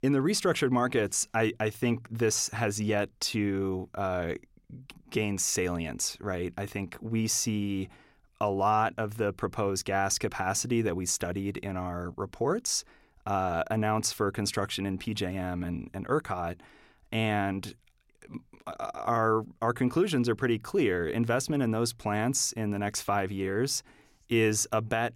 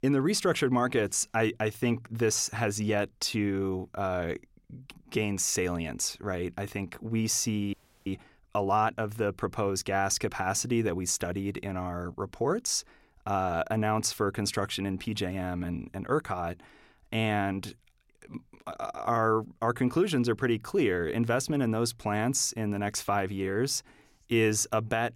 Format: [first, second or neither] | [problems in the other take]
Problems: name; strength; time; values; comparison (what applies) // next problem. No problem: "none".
first | audio freezing; at 7.5 s